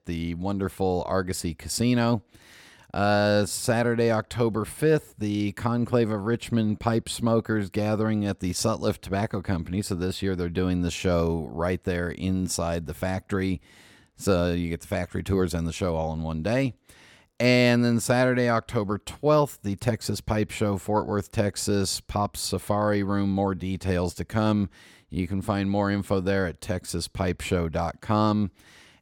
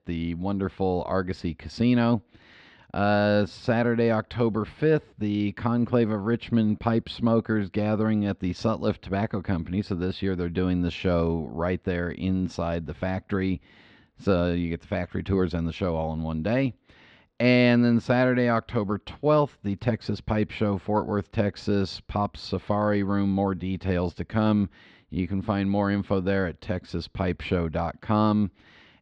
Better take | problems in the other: first | muffled; very slightly; fading above 4 kHz

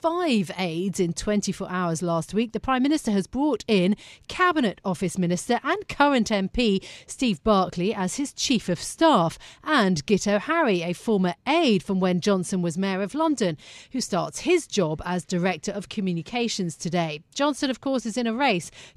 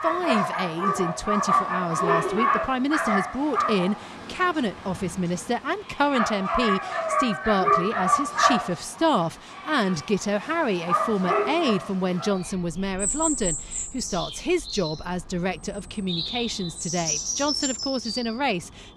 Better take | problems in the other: first | animal sounds; very loud; throughout; 1 dB above the speech

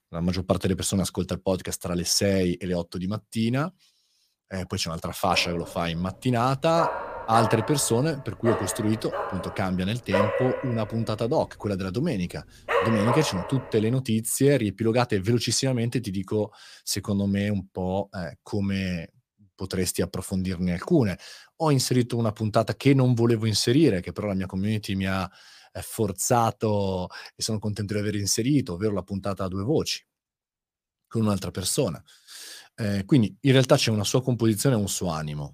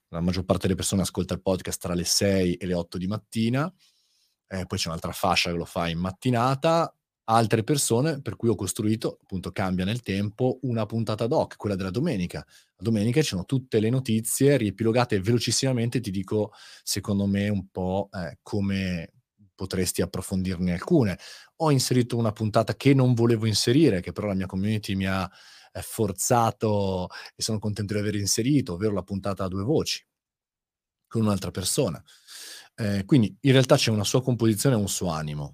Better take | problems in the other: second | dog barking; loud; from 5.5 to 14 s; peak 1 dB above the speech

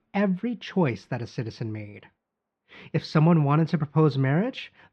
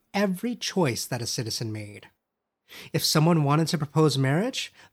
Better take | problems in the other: second | muffled; very; fading above 3 kHz

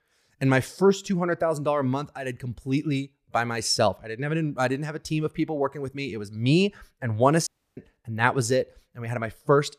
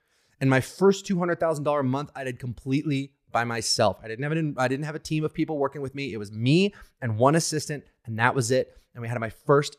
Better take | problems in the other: second | audio cutting out; at 7.5 s

